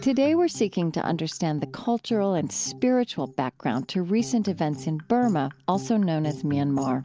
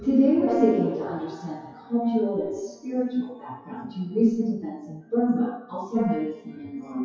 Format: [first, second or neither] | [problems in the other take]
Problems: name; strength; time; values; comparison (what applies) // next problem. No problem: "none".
first | noise reduction (classical method WPE with log-MMSE)